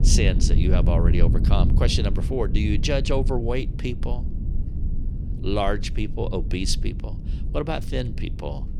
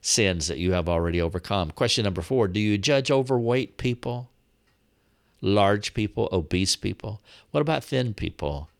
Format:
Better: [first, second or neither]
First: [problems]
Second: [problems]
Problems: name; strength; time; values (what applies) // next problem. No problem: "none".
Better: second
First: low rumble; noticeable; throughout; 10 dB below the speech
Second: none